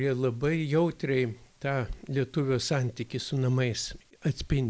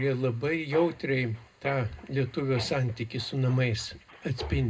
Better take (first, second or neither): first